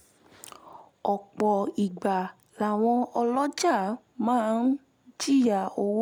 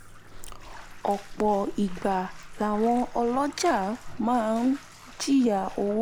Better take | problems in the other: first | background sound (Bathtub (filling or washing)); 14 dB below the speech

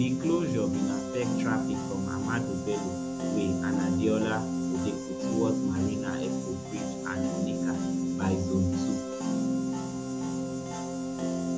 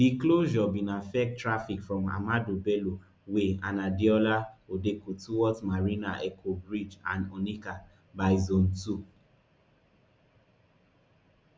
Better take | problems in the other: second | background sound (Piano); 3 dB above the speech

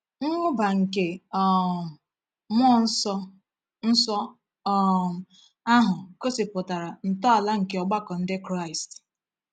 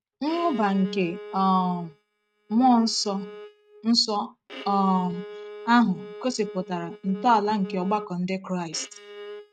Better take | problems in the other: first | noise reduction (neural mask model RNNoise)

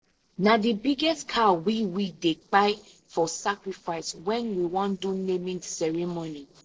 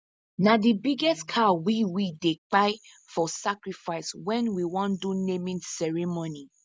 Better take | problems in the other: second | noise reduction (neural separator model SepFormer DNS4)

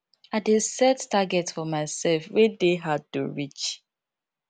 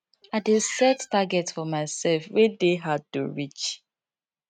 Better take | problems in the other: first | noise reduction (neural mask model RNNoise)

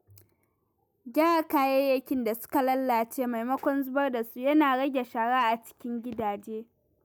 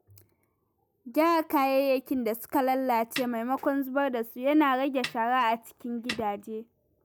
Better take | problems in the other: first | background sound (Snare drum); 14 dB below the speech

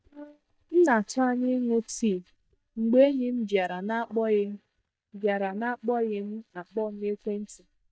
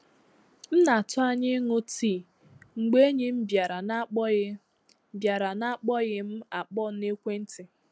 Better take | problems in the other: second | noise reduction (neural mask model DeepFilterNet 3)

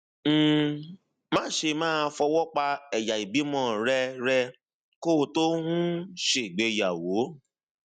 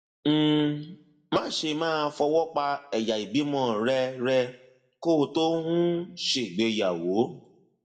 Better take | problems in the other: first | room echo; dies away in 0.5 s

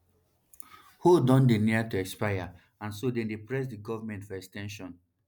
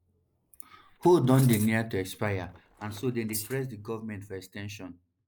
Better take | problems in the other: first | noise reduction (neural mask model Resemble Enhance denoiser)

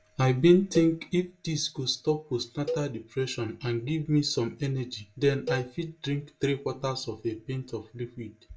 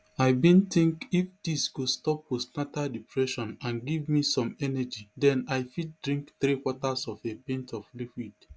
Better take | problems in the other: second | background sound (Cowbell); 12 dB below the speech // room echo; dies away in 0.2 s

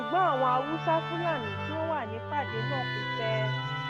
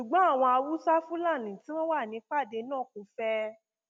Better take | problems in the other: second | background sound (Musical instrument); 2 dB below the speech

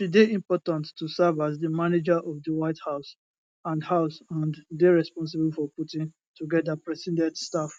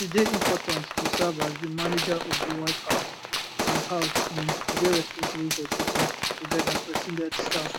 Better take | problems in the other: first | background sound (Gunshot, gunfire); 2 dB above the speech

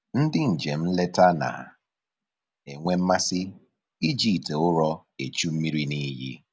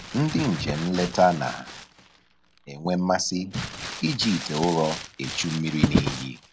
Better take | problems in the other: first | background sound (Crumpling, crinkling); 5 dB below the speech

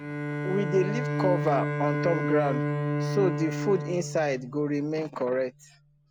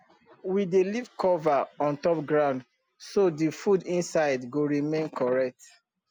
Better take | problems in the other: second | background sound (Bowed string instrument); 2 dB below the speech

